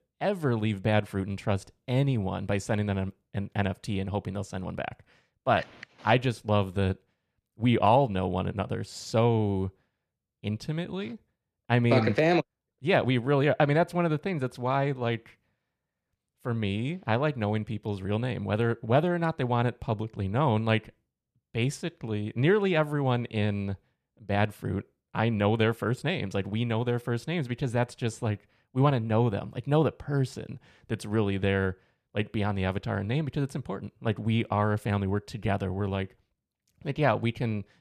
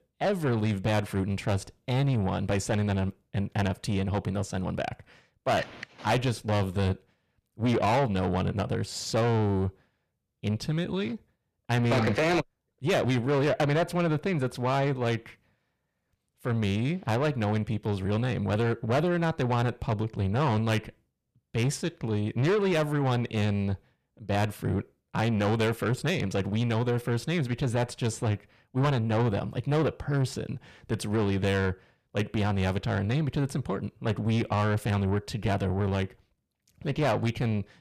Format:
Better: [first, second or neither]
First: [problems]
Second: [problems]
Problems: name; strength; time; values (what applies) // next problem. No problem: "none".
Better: first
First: none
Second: distortion; heavy; 7 dB below the speech